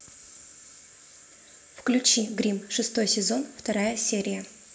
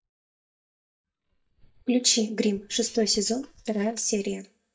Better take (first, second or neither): first